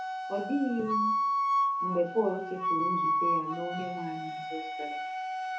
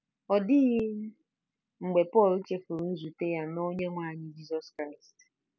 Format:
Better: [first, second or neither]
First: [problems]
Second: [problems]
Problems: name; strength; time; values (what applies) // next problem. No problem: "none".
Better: second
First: background sound (Wind instrument, woodwind instrument); 3 dB above the speech // room echo; dies away in 0.6 s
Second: none